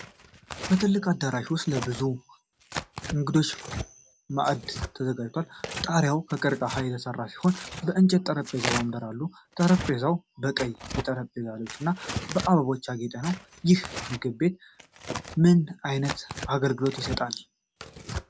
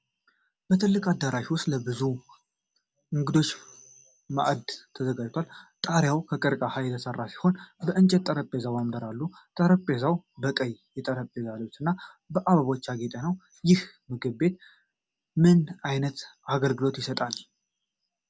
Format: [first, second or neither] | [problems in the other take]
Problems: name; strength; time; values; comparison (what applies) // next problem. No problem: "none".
second | background sound (Tearing); 11 dB below the speech